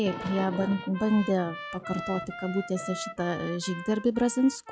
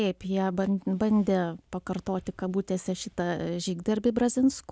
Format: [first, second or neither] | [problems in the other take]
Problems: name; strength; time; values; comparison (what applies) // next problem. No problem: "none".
second | noise reduction (classical method log-MMSE)